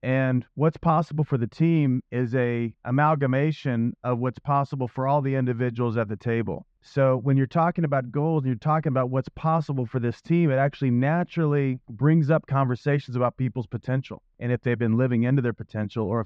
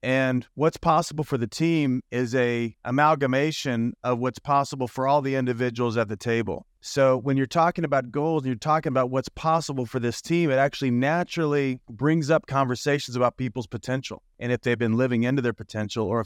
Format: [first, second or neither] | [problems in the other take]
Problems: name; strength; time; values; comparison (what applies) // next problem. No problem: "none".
second | muffled; slightly; fading above 2.5 kHz